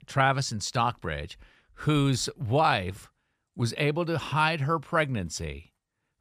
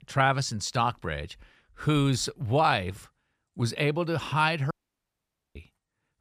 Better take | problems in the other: first | audio cutting out; at 4.5 s for 1 s

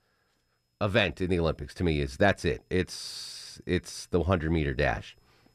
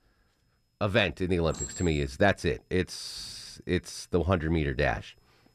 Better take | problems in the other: first | clattering dishes; noticeable; from 1.5 to 3.5 s; peak 8 dB below the speech

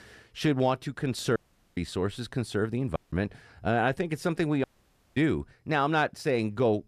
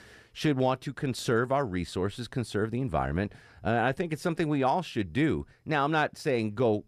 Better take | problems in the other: second | audio cutting out; at 1.5 s, at 3 s and at 4.5 s for 0.5 s

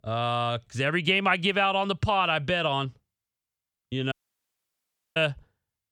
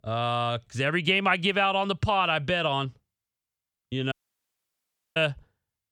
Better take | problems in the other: neither | audio cutting out; at 4 s for 1 s; the same in both

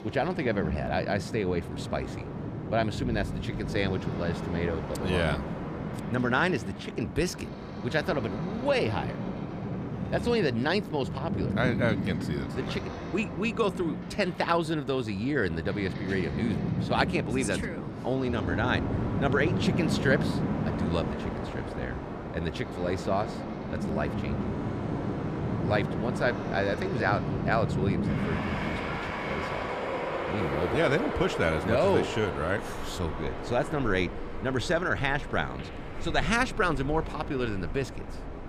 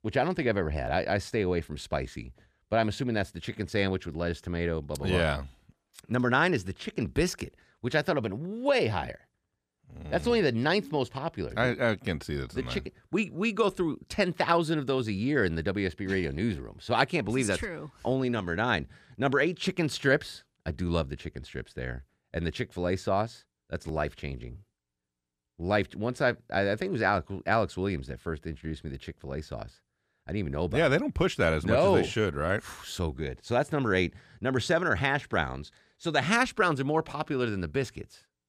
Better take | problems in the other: second | train or aircraft noise; loud; throughout; 4 dB below the speech

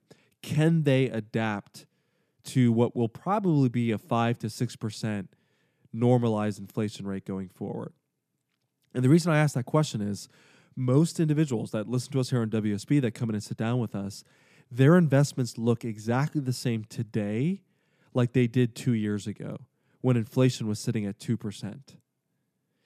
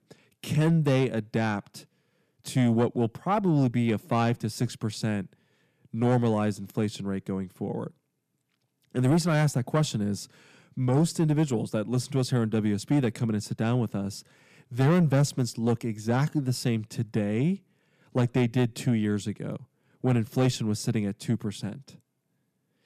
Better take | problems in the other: first | distortion; slight; 10 dB below the speech

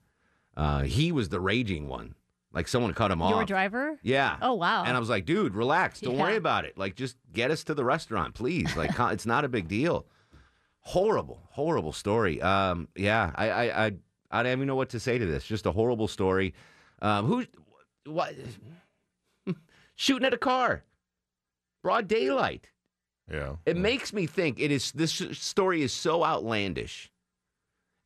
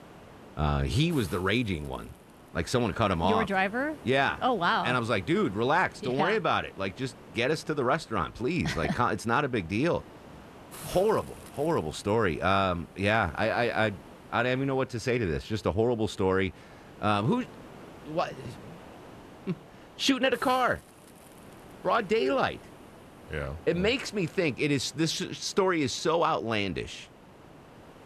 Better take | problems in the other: first | hiss; faint; throughout; 20 dB below the speech

